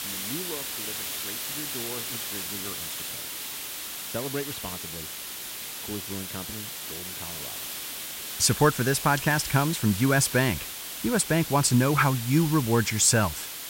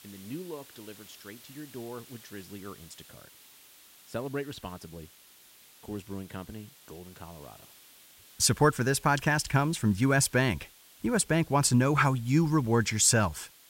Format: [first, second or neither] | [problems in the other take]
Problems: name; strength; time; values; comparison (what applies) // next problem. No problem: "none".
second | hiss; loud; throughout; 9 dB below the speech; faint in the second